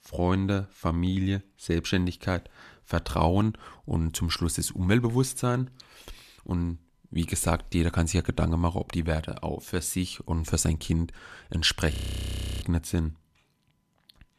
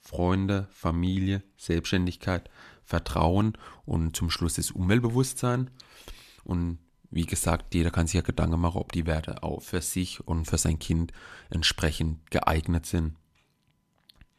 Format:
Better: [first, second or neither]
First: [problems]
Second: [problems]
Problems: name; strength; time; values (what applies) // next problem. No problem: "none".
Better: second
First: audio freezing; at 12 s for 0.5 s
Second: none